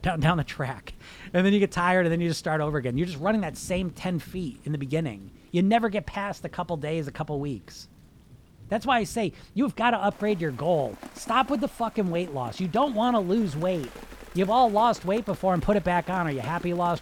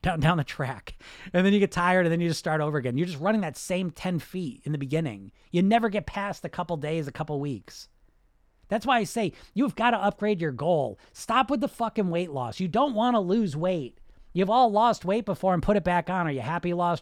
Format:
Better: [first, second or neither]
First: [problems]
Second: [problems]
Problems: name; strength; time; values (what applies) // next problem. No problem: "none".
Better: second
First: rain or running water; faint; throughout; 20 dB below the speech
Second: none